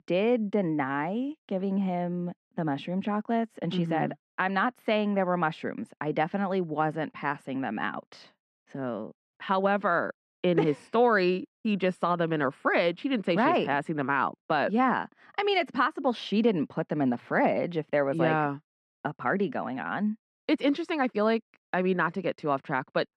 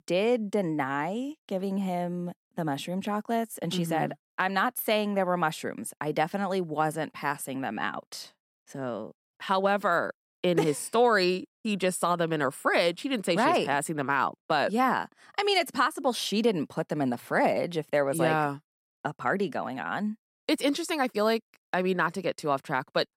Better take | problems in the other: second | muffled; slightly; fading above 2.5 kHz

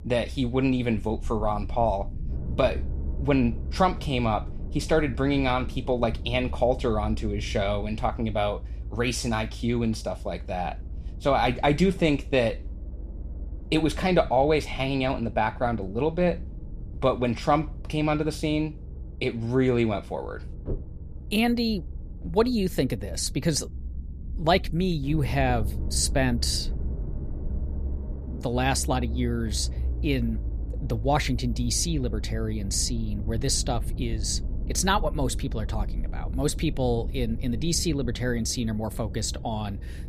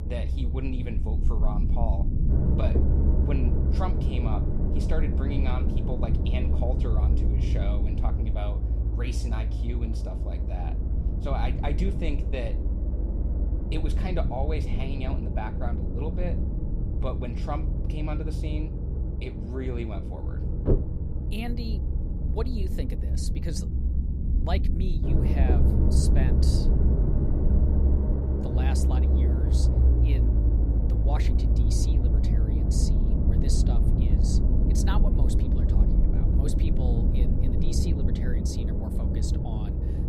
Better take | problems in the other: first | low rumble; loud; throughout; as loud as the speech; faint in the first

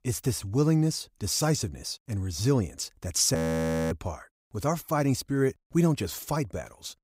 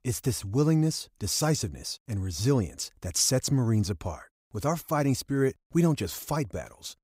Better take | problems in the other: second | audio freezing; at 3.5 s for 0.5 s

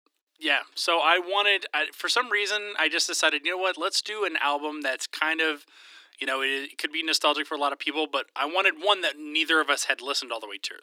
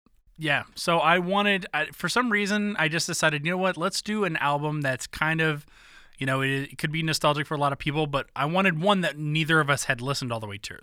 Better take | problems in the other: second | thin; very; fading below 300 Hz

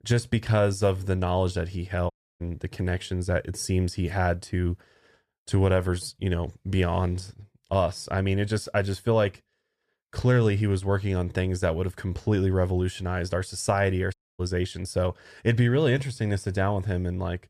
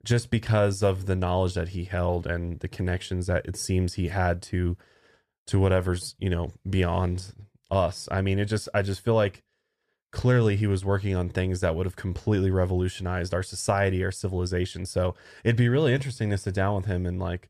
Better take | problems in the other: second | audio cutting out; at 2 s and at 14 s

